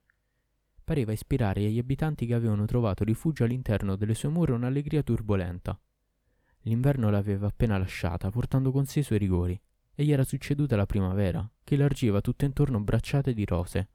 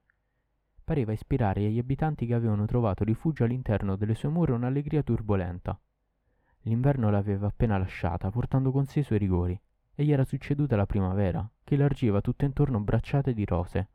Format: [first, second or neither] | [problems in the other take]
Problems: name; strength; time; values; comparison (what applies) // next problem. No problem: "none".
first | muffled; slightly; fading above 4 kHz